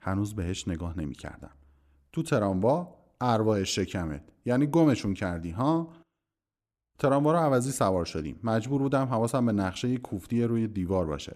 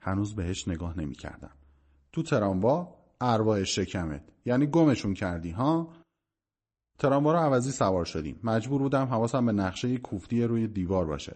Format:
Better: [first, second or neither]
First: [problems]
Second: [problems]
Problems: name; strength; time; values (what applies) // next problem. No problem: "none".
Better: first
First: none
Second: garbled, watery; slightly; nothing above 8 kHz